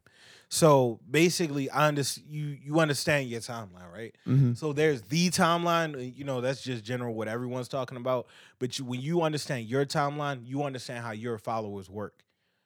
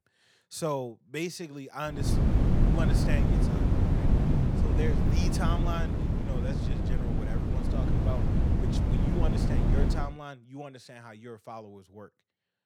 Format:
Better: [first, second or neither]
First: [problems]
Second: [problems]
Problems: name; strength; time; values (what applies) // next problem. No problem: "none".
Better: first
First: none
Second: wind noise on the microphone; heavy; from 2 to 10 s; 2 dB above the speech